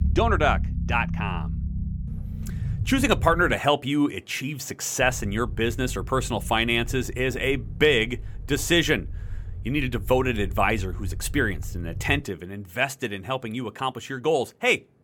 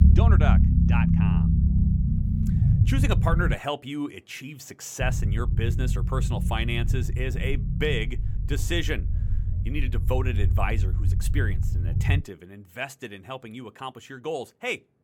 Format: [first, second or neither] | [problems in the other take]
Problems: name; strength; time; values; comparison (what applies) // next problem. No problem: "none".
first | low rumble; loud; until 3.5 s and from 5 to 12 s; 6 dB below the speech; faint in the first